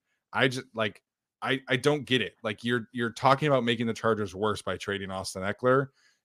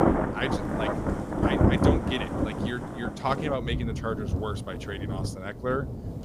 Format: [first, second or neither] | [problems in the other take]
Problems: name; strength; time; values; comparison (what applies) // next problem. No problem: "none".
first | rain or running water; very loud; throughout; 4 dB above the speech